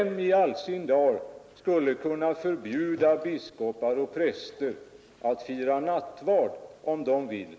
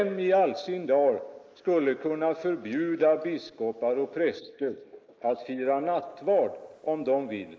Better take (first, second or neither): first